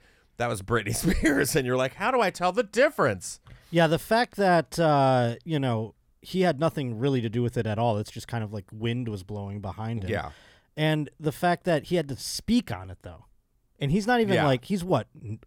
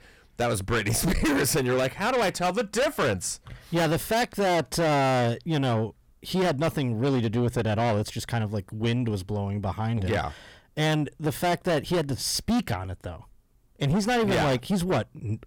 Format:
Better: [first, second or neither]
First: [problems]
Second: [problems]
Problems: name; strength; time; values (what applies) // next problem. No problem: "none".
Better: first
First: none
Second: distortion; heavy; 6 dB below the speech